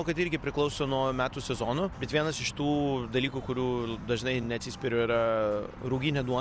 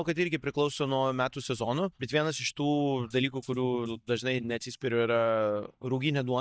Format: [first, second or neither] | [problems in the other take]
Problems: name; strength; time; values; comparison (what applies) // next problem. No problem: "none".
first | noise reduction (neural mask model DeepFilterNet 3)